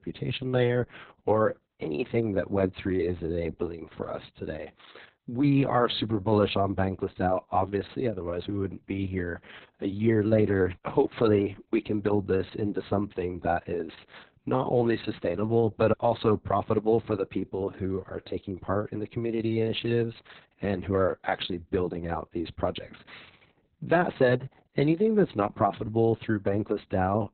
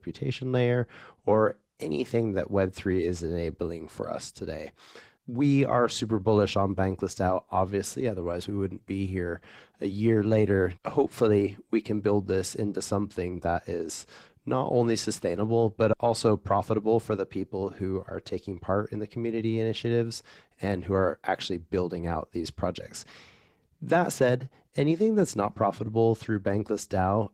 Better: second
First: garbled, watery; badly; nothing above 4 kHz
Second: garbled, watery; slightly; nothing above 16 kHz

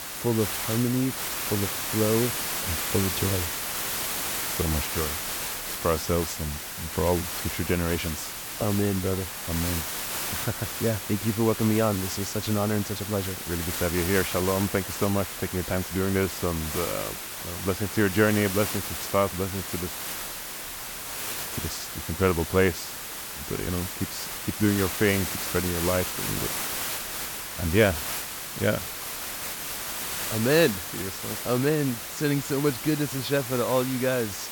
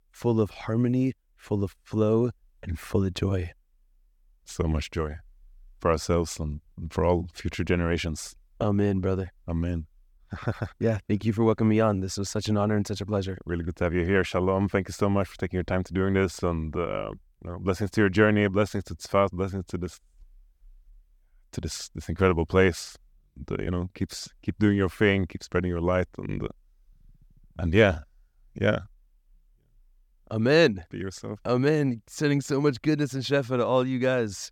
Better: second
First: hiss; loud; throughout; 3 dB below the speech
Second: none

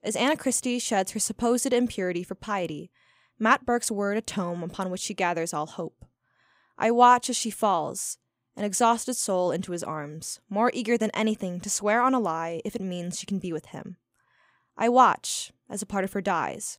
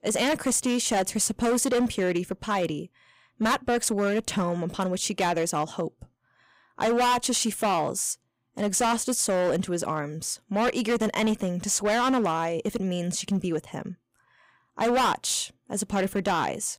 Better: first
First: none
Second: distortion; heavy; 11% of the sound clipped

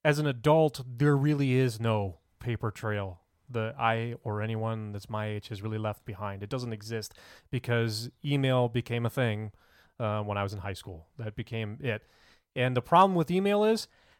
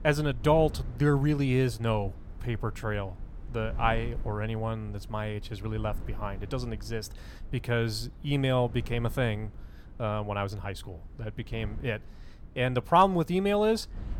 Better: first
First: none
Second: wind noise on the microphone; occasional gusts; 25 dB below the speech

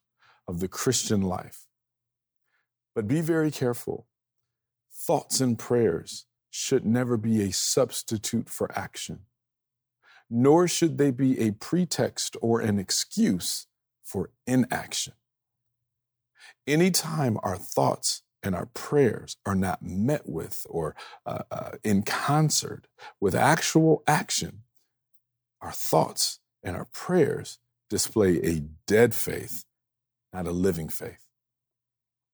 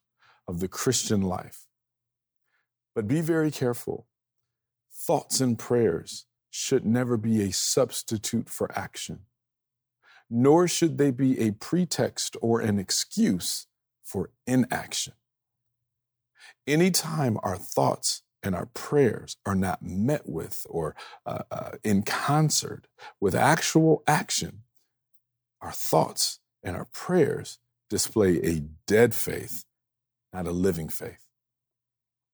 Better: neither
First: none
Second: none

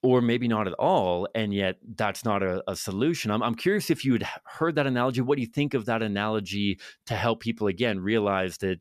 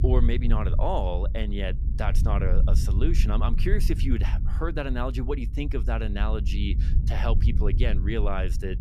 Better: first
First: none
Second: low rumble; noticeable; throughout; 10 dB below the speech

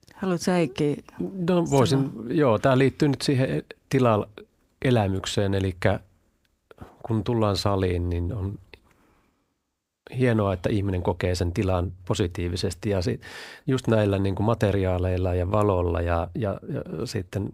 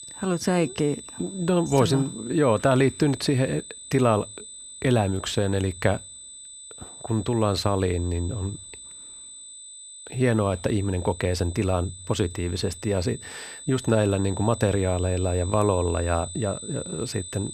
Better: first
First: none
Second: high-pitched whine; noticeable; throughout; 8 kHz, 15 dB below the speech

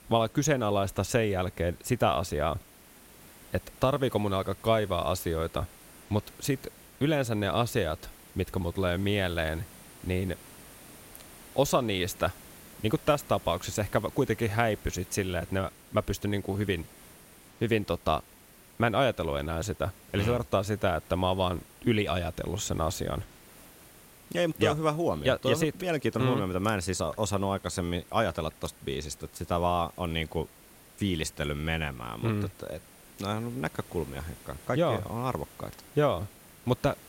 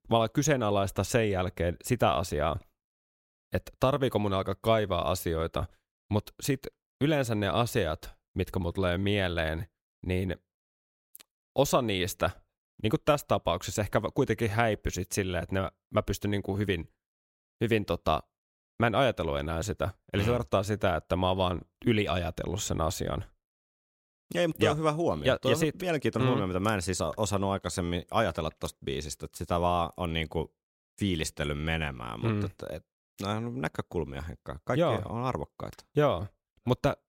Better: second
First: hiss; faint; throughout; 20 dB below the speech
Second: none

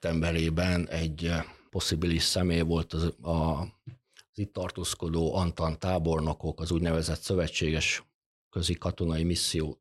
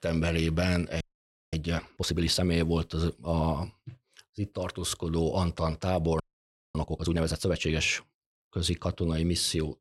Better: first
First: none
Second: audio freezing; at 1 s for 0.5 s and at 6 s for 0.5 s

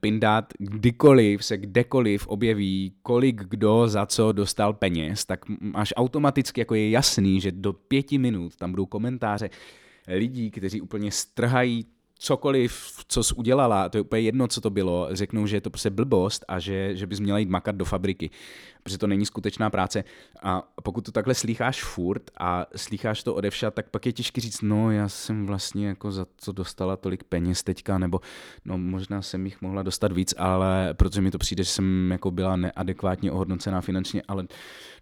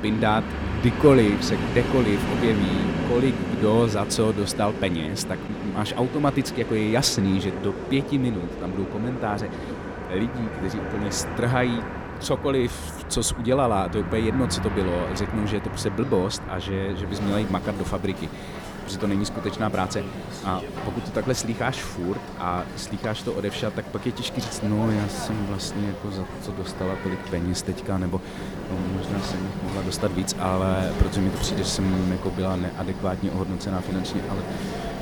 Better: first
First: none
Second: train or aircraft noise; loud; throughout; 6 dB below the speech

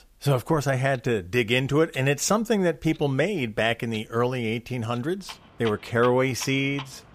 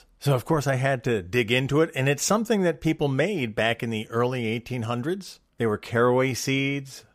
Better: second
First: household noises; noticeable; throughout; 20 dB below the speech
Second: none

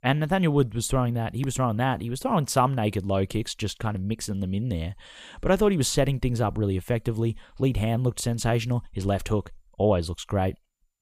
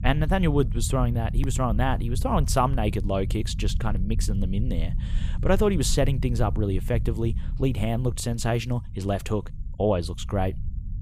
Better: first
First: none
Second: low rumble; noticeable; throughout; 20 dB below the speech

